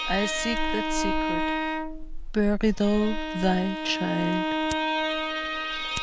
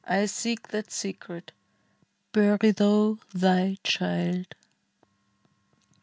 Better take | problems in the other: second | background sound (Bowed string instrument + Fire); 1 dB above the speech

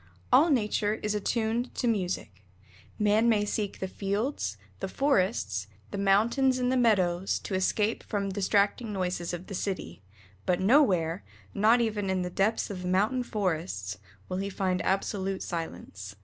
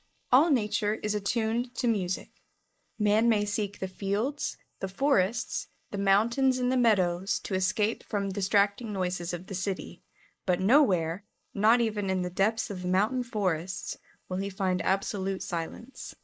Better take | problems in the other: first | noise reduction (neural mask model Resemble Enhance denoiser)

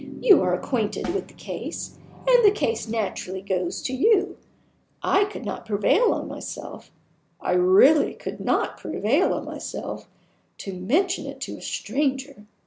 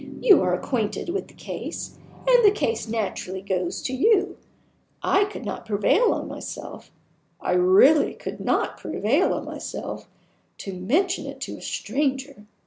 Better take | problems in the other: second | background sound (Snare drum); 18 dB below the speech

